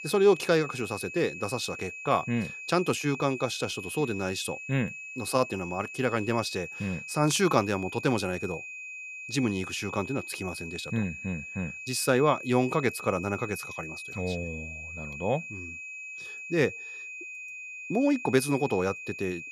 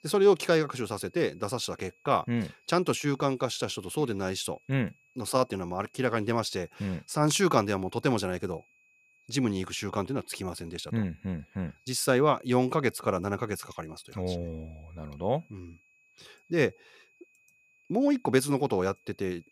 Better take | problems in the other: second | high-pitched whine; loud; throughout; 2.5 kHz, 9 dB below the speech; faint in the second

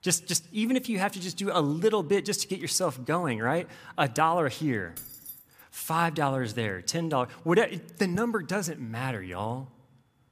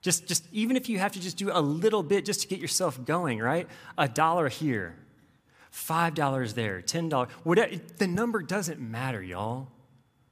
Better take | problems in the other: second | jangling keys; faint; at 5 s; peak 10 dB below the speech

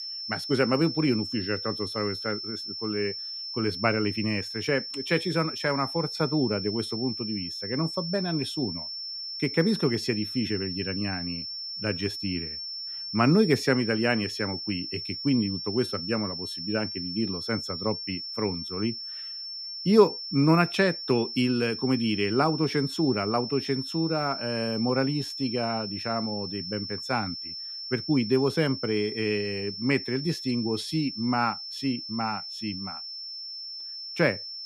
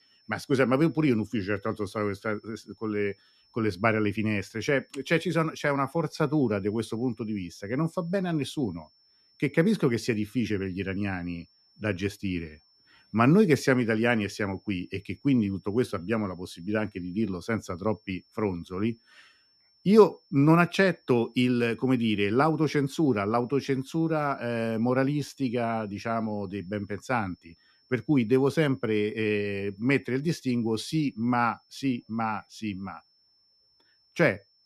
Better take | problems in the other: second | high-pitched whine; loud; throughout; 5.5 kHz, 6 dB below the speech; faint in the second

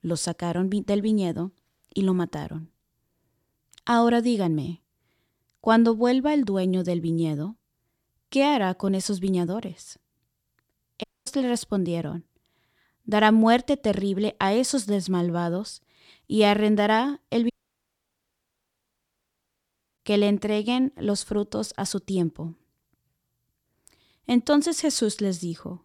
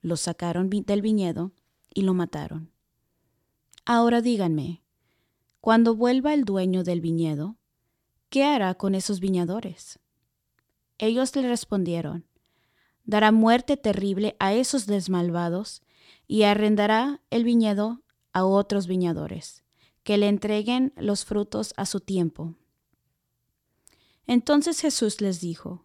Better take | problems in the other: second | audio cutting out; at 11 s and at 18 s for 2.5 s

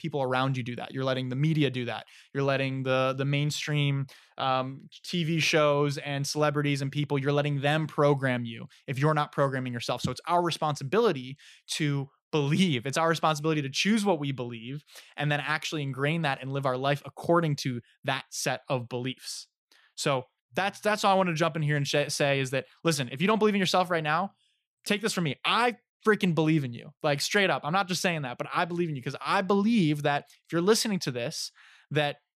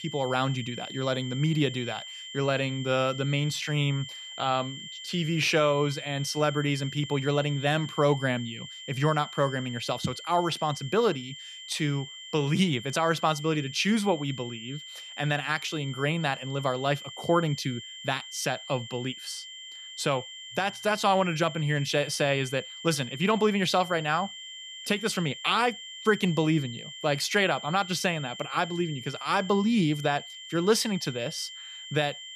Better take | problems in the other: first | high-pitched whine; noticeable; throughout; 3 kHz, 10 dB below the speech

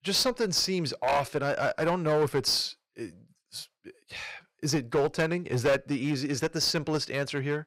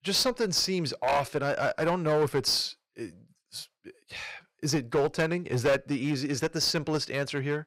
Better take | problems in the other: neither | distortion; slight; 6% of the sound clipped; the same in both

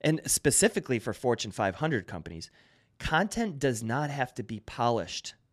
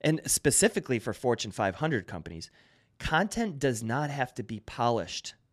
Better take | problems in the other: neither | none

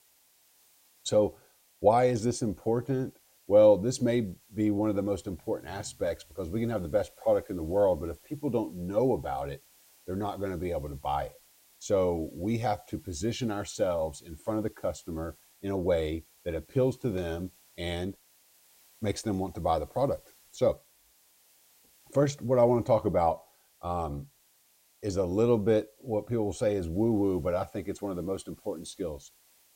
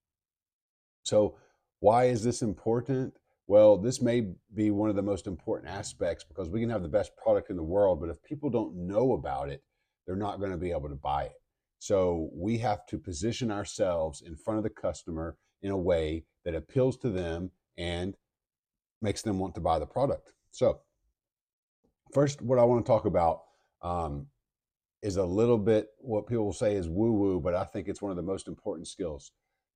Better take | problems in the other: second | hiss; faint; throughout; 30 dB below the speech

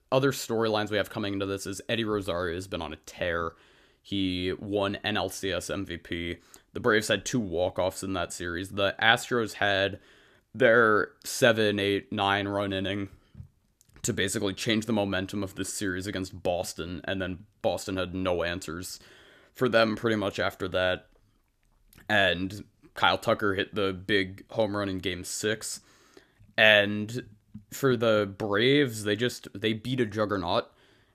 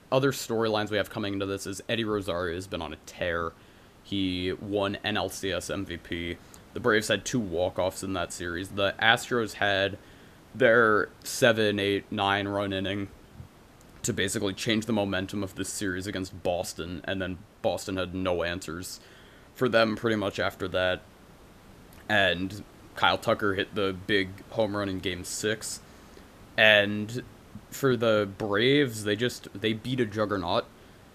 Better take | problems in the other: first | hiss; faint; throughout; 25 dB below the speech

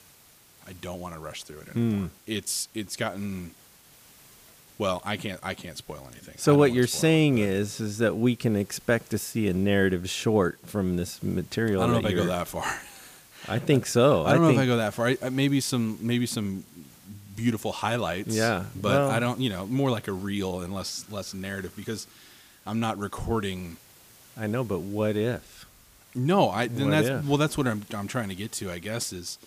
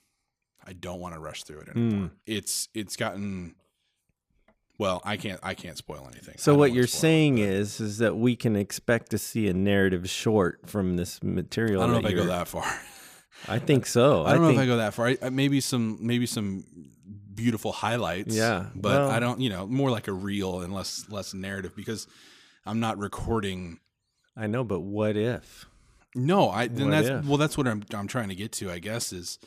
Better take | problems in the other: second | hiss; faint; throughout; 25 dB below the speech

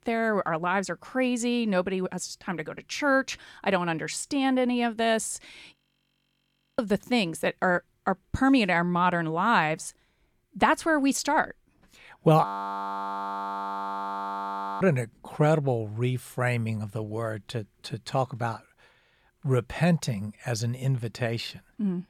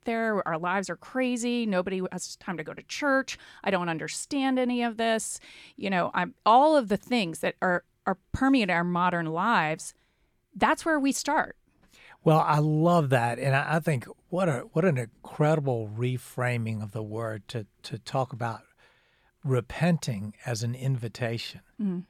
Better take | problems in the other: second | audio freezing; at 6 s for 1 s and at 12 s for 2.5 s

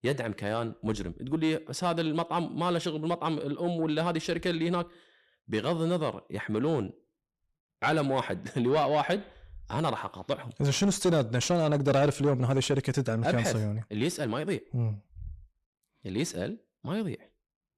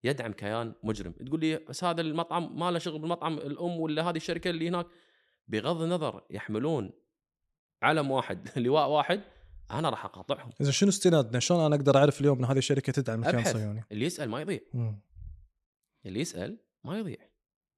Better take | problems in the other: second | distortion; slight; 10 dB below the speech

